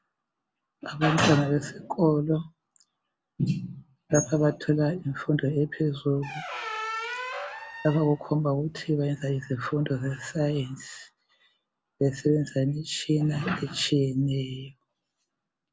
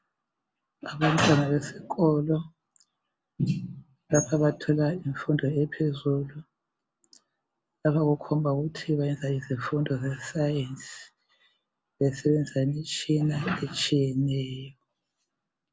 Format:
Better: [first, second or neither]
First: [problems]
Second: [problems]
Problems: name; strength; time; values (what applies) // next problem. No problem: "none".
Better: second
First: background sound (Squeak); 10 dB below the speech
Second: none